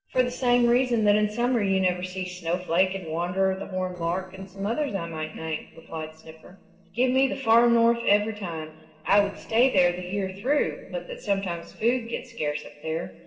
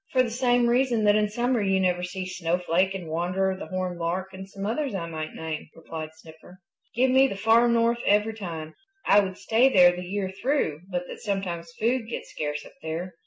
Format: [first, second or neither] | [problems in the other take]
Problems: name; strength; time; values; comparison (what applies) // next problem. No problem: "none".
second | noise reduction (neural separator model SepFormer DNS4)